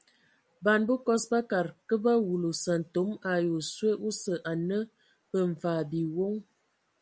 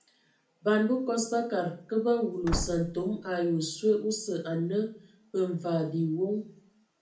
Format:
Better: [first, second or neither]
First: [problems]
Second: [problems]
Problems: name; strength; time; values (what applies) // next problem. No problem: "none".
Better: first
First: none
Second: background sound (Slam / Wood); 7 dB below the speech // room echo; dies away in 0.4 s